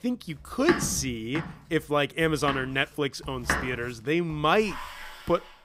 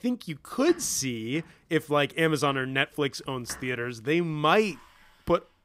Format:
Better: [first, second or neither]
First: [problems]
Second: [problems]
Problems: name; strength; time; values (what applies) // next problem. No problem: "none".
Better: second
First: household noises; loud; throughout; 6 dB below the speech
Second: household noises; faint; throughout; 25 dB below the speech